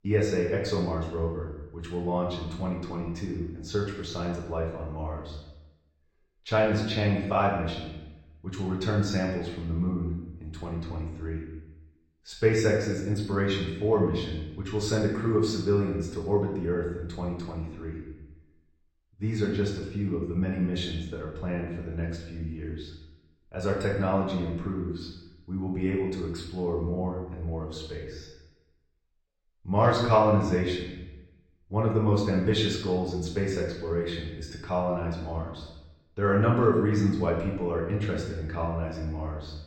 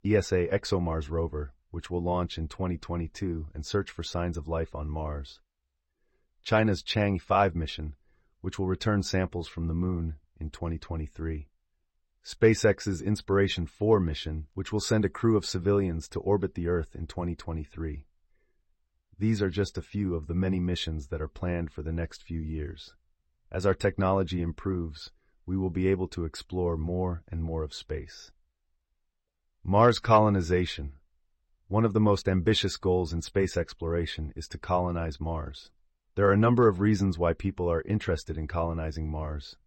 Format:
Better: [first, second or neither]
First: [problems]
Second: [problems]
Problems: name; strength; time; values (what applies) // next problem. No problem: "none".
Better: second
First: room echo; noticeable; dies away in 0.8 s // off-mic speech; far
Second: none